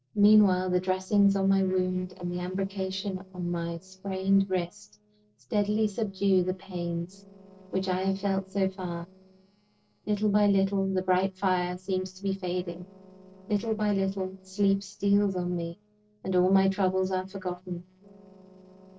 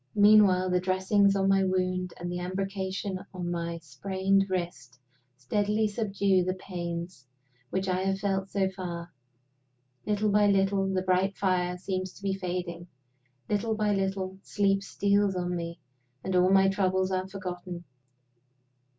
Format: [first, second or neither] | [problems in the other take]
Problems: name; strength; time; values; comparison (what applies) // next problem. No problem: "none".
second | noise reduction (neural separator model SepFormer DNS4)